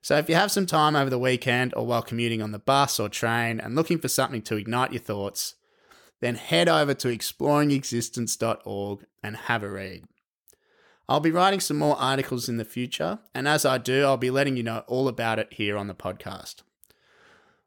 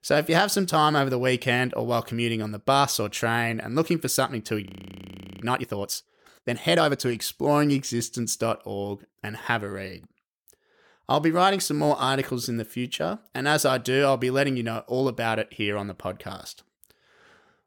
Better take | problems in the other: first | audio freezing; at 4.5 s for 1 s

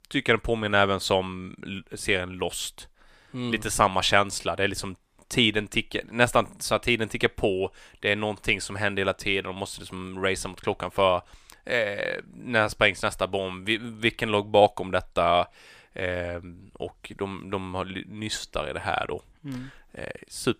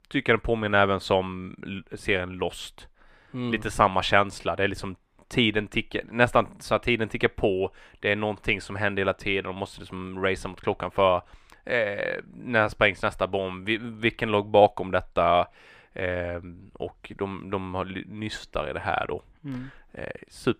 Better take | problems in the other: first | muffled; slightly; fading above 3.5 kHz

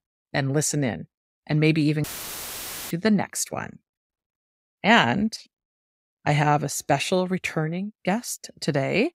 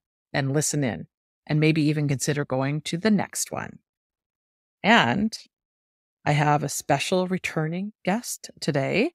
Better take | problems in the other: second | audio cutting out; filled with static; at 2 s for 1 s

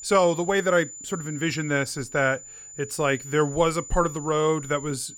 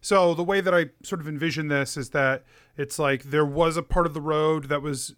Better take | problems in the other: second | high-pitched whine; noticeable; throughout; 7 kHz, 15 dB below the speech

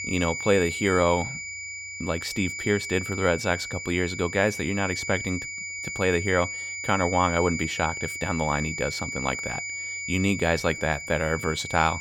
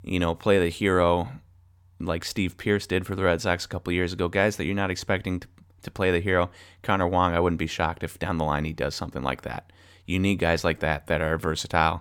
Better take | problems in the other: second | high-pitched whine; loud; throughout; 2.5 kHz, 6 dB below the speech

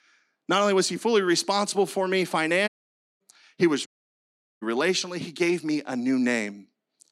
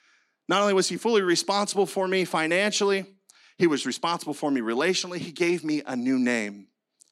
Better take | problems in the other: second | audio cutting out; at 2.5 s for 0.5 s and at 4 s for 1 s

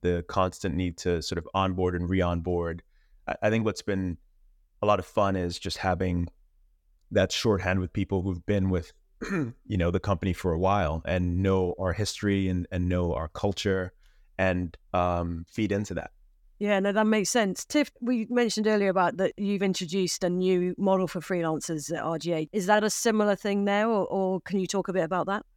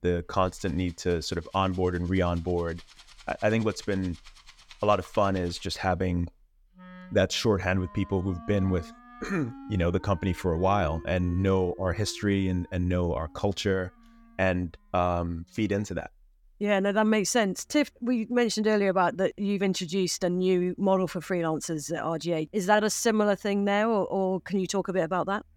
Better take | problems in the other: first | background music; faint; throughout; 20 dB below the speech

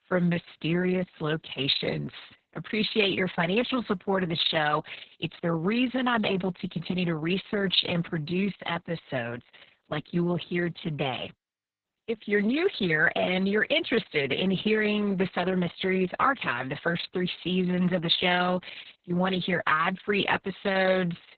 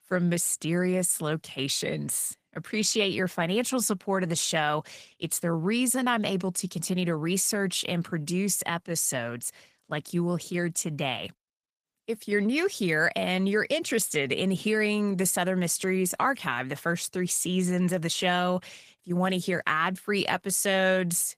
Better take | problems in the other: second | garbled, watery; badly; nothing above 4 kHz; slightly in the second

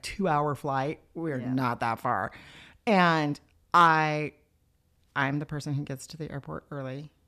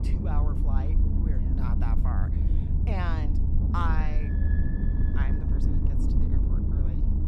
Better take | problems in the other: first | low rumble; loud; throughout; 3 dB below the speech

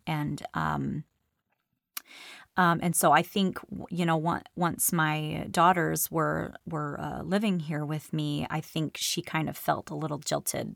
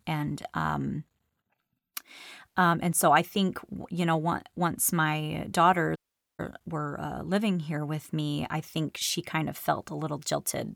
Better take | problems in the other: first | audio cutting out; at 6 s

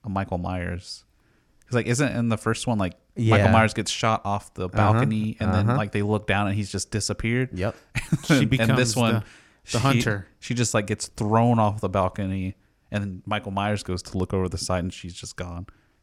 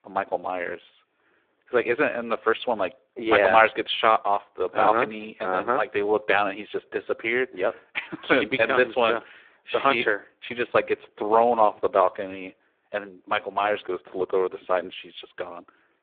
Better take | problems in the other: first | phone-call audio; poor line

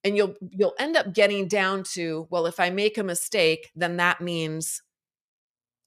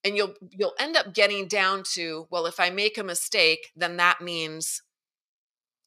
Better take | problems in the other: first | thin; somewhat; fading below 450 Hz

